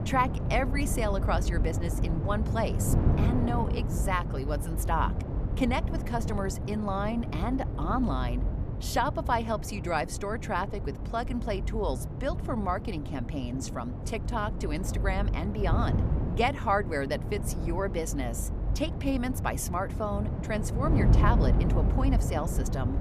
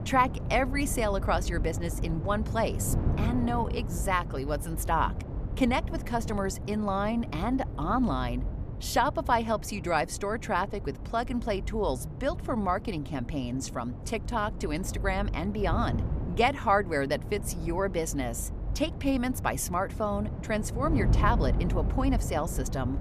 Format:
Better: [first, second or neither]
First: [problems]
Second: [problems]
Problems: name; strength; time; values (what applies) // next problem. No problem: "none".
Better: second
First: wind noise on the microphone; heavy; 9 dB below the speech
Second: wind noise on the microphone; occasional gusts; 15 dB below the speech